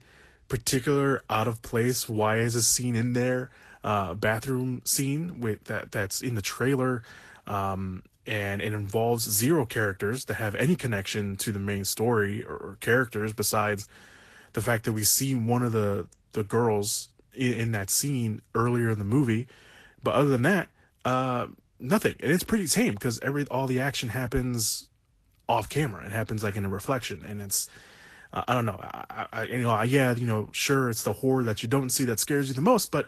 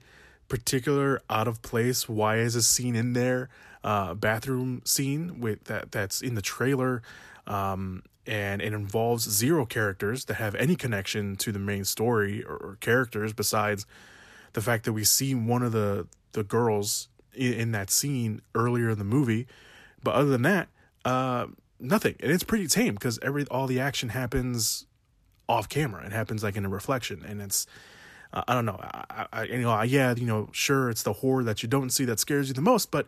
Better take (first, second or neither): second